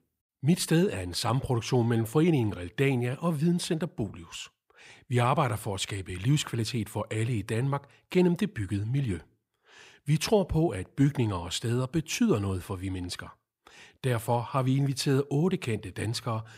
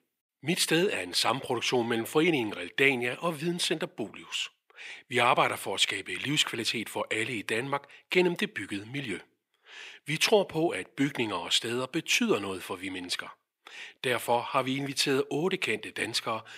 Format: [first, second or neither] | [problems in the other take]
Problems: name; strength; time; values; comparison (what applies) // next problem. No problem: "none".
first | thin; somewhat; fading below 300 Hz